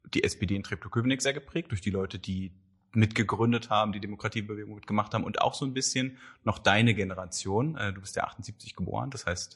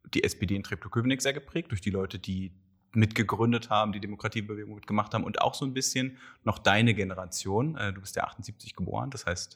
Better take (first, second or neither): second